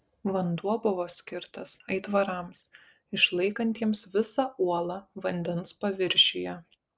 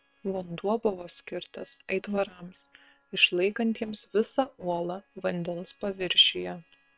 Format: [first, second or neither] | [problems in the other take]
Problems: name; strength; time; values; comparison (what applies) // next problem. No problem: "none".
first | noise reduction (neural separator model SepFormer WHAM!)